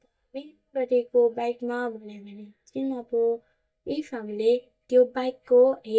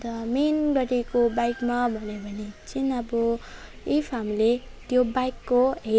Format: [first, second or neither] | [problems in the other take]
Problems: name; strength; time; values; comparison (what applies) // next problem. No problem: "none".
second | noise reduction (neural mask model DeepFilterNet 3)